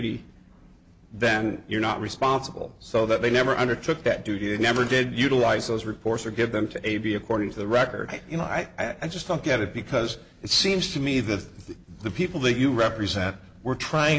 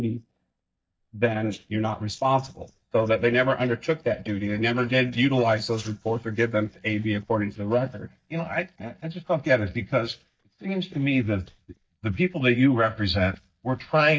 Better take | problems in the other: first | noise reduction (neural mask model DeepFilterNet 3)

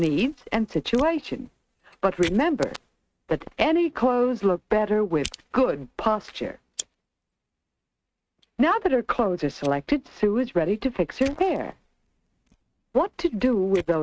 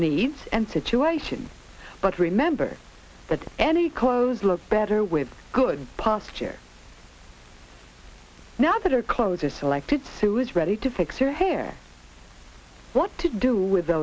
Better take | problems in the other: second | noise reduction (neural mask model RNNoise)

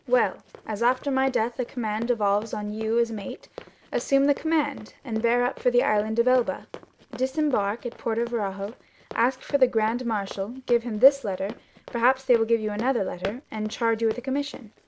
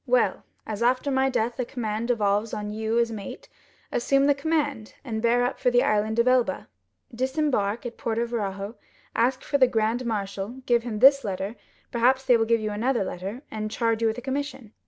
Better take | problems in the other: second | background sound (Run); 19 dB below the speech

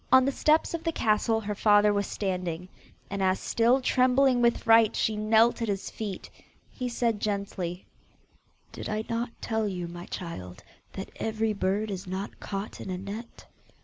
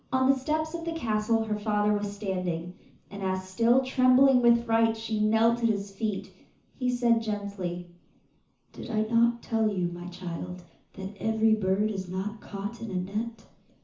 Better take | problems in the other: first | room echo; dies away in 0.9 s

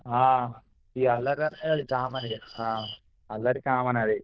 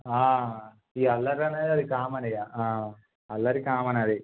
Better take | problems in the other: second | noise reduction (neural diffusion model UNIVERSE++)

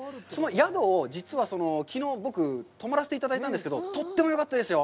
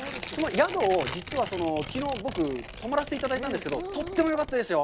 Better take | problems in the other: first | background sound (Tearing); 11 dB below the speech

